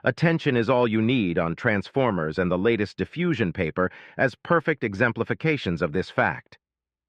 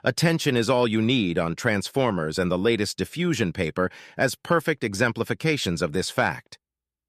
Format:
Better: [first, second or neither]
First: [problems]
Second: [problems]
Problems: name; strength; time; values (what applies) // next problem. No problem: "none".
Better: second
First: muffled; slightly; fading above 2 kHz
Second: none